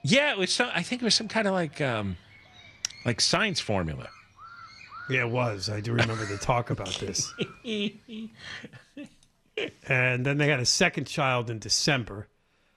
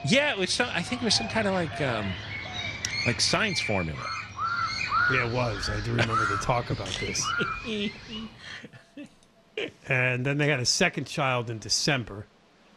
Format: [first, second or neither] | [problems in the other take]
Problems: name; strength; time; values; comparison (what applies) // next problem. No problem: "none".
first | animal sounds; loud; throughout; 4 dB below the speech; faint in the first